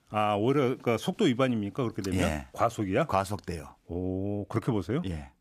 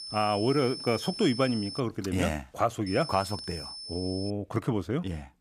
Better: first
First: none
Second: high-pitched whine; loud; until 2 s and from 3 to 4.5 s; 5.5 kHz, 9 dB below the speech

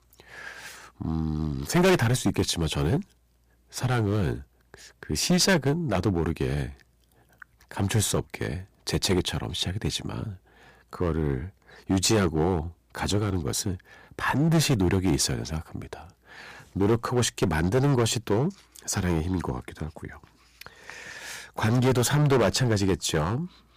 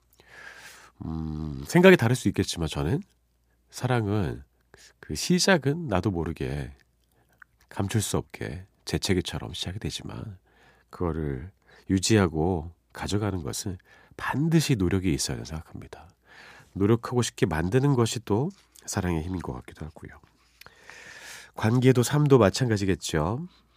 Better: second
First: distortion; heavy; 6% of the sound clipped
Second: none

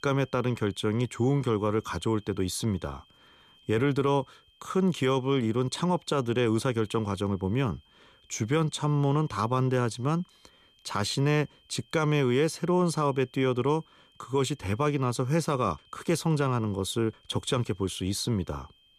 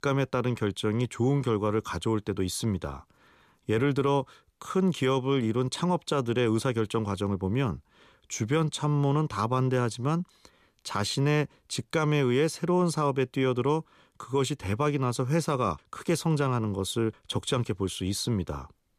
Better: second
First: high-pitched whine; faint; throughout; 3 kHz, 30 dB below the speech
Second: none

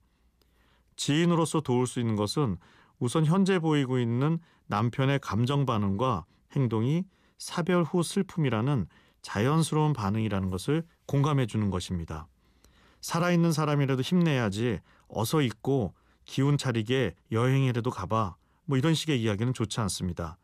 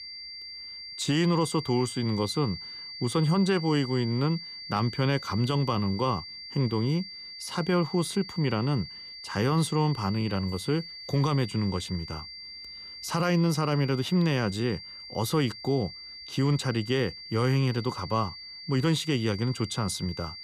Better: first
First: none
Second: high-pitched whine; noticeable; throughout; 4.5 kHz, 10 dB below the speech

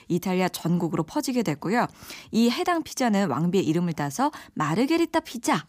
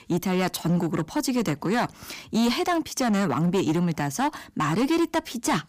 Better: first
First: none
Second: distortion; slight; 12% of the sound clipped

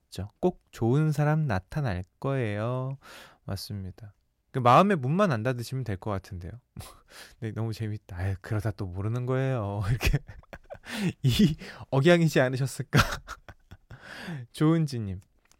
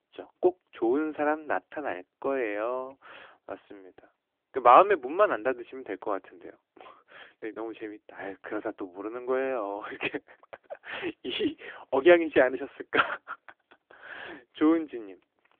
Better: first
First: none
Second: phone-call audio; nothing above 3.5 kHz

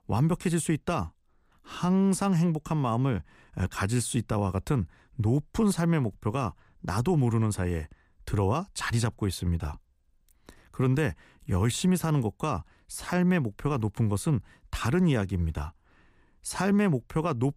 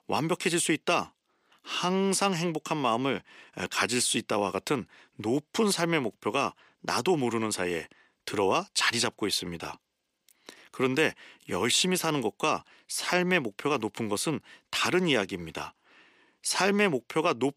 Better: first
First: none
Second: thin; somewhat; fading below 350 Hz

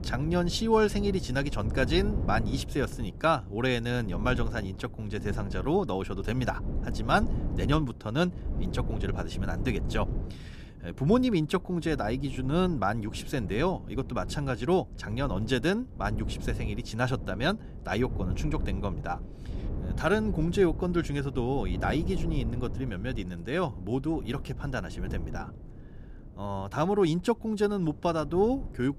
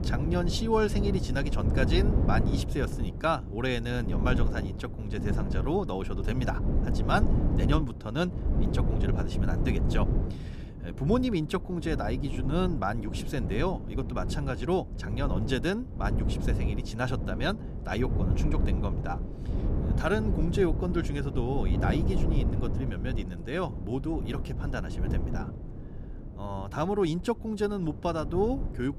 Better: first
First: wind noise on the microphone; occasional gusts; 15 dB below the speech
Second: wind noise on the microphone; heavy; 8 dB below the speech

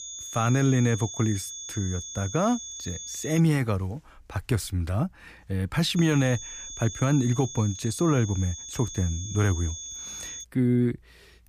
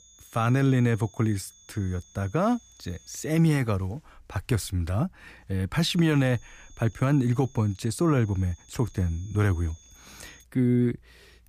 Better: second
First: high-pitched whine; loud; until 3.5 s and from 6 to 10 s; 6.5 kHz, 10 dB below the speech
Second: high-pitched whine; faint; until 3.5 s and from 6 to 10 s; 6.5 kHz, 25 dB below the speech

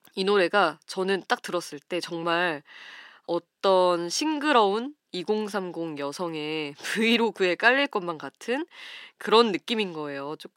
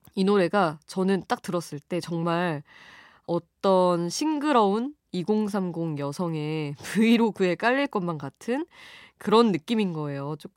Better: second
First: thin; very slightly; fading below 350 Hz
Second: none

